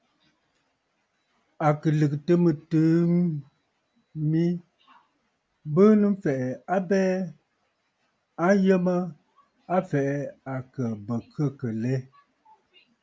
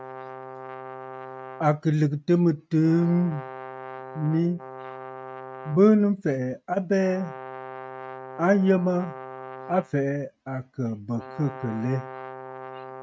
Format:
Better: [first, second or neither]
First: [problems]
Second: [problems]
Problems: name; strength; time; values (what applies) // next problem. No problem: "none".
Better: first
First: none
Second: noise reduction (neural mask model RNNoise)